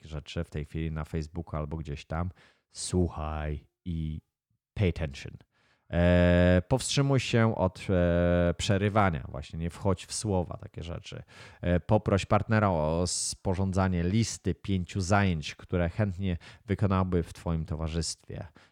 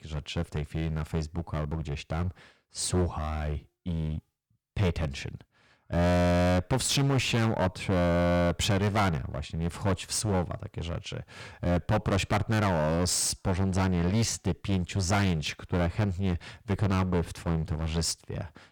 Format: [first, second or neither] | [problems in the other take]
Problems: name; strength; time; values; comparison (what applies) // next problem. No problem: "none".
first | distortion; heavy; 16% of the sound clipped